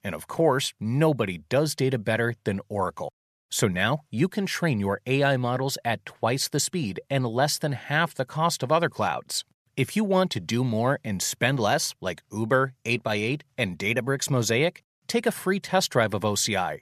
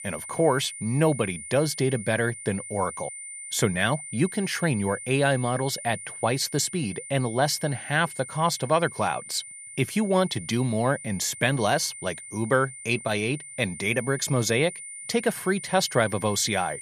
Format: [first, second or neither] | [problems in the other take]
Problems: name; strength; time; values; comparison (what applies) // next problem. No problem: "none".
first | high-pitched whine; noticeable; throughout; 9 kHz, 10 dB below the speech